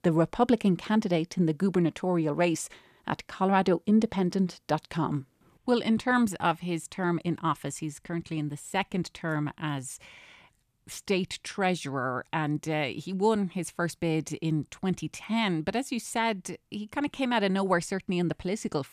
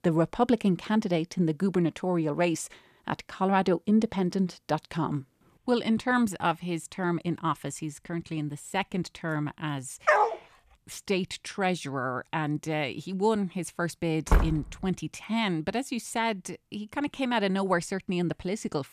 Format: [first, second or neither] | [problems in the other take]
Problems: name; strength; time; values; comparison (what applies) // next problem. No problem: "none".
first | dog barking; loud; at 10 s; peak 6 dB above the speech // door banging; loud; at 14 s; peak 2 dB above the speech